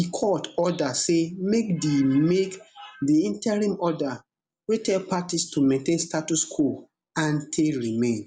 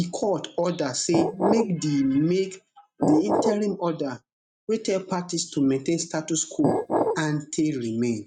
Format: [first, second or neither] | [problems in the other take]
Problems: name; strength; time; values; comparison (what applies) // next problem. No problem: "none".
first | noise reduction (neural mask model RNNoise)